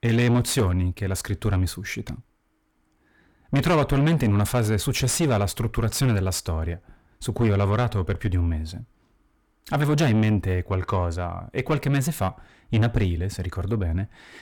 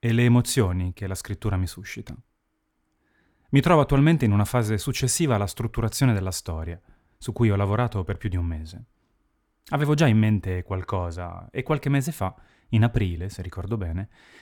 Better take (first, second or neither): second